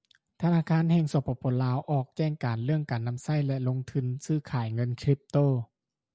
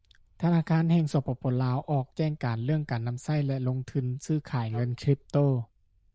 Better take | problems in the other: first | noise reduction (neural diffusion model UNIVERSE++)

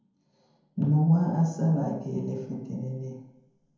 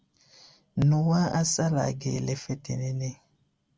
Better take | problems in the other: second | room echo; dies away in 0.9 s

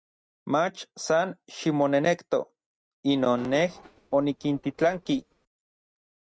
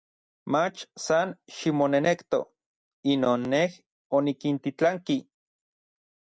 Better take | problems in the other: second | noise reduction (neural mask model RNNoise)

